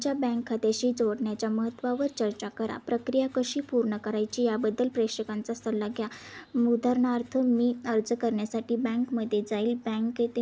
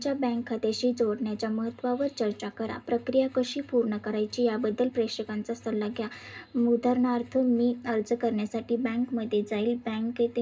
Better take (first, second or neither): first